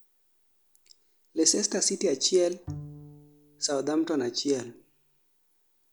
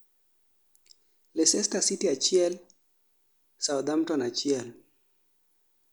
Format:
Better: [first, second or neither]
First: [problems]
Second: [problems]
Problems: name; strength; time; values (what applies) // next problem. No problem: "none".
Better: second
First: background sound (Bowed string instrument); 16 dB below the speech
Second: none